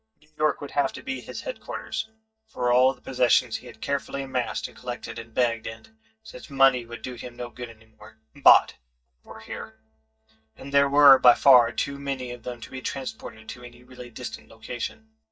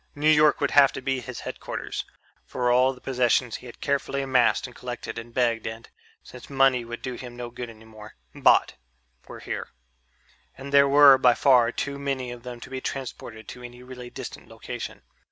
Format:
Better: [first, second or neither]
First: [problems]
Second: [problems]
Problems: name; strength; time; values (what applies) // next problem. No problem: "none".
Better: second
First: noise reduction (neural mask model DeepFilterNet 3)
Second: none